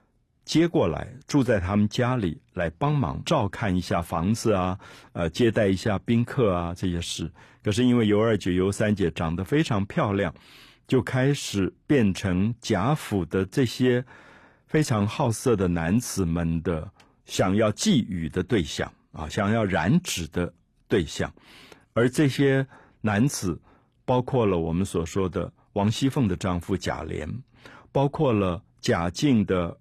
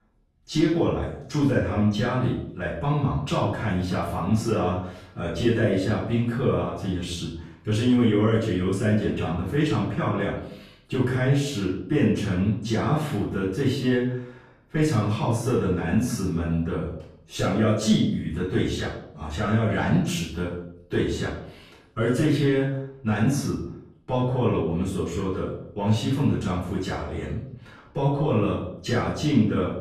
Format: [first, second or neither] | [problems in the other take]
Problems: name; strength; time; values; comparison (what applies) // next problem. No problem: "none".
first | off-mic speech; far // room echo; noticeable; dies away in 0.6 s